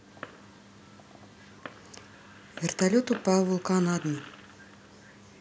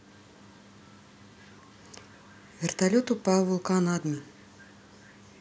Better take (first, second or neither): second